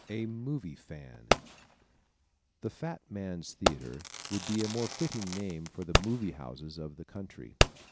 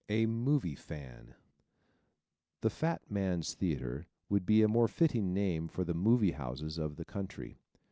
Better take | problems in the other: second | background sound (Fireworks); 3 dB above the speech

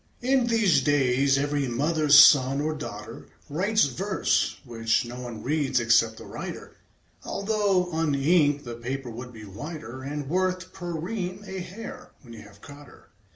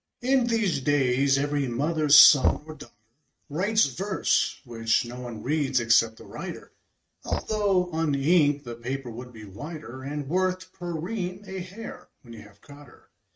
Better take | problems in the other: first | noise reduction (neural mask model RNNoise)

